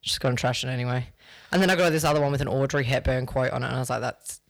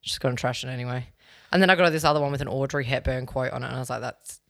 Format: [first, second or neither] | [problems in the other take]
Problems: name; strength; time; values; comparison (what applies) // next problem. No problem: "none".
second | distortion; heavy; 7 dB below the speech